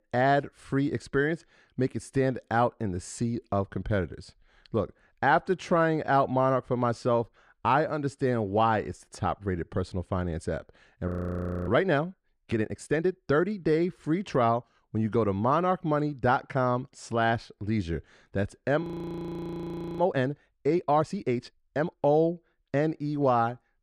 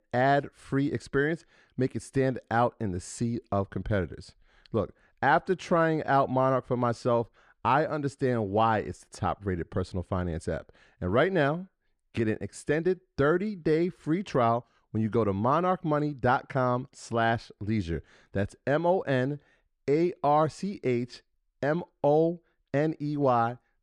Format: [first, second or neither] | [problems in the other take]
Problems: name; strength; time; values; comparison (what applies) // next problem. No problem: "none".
second | audio freezing; at 11 s for 0.5 s and at 19 s for 1 s